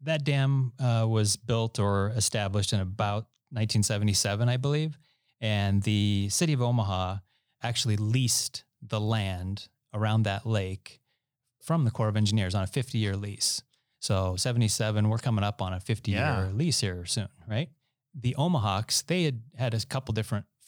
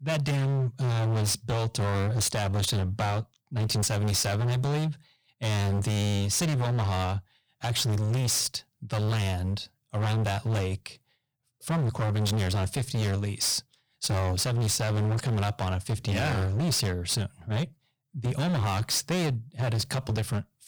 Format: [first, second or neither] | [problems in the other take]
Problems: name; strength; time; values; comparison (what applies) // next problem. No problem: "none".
first | distortion; heavy; 30% of the sound clipped